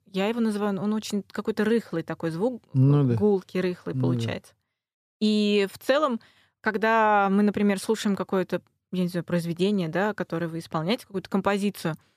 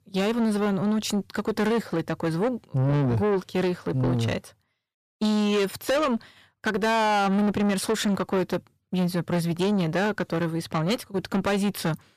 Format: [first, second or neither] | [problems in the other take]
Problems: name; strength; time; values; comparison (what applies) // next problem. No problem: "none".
first | distortion; heavy; 8 dB below the speech